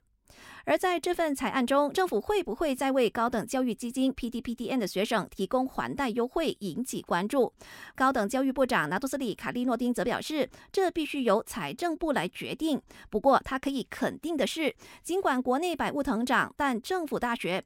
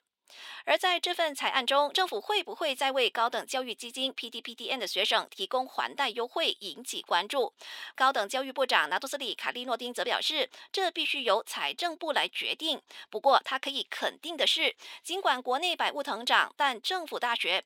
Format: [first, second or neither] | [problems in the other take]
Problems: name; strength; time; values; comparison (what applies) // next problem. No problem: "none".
first | thin; somewhat; fading below 600 Hz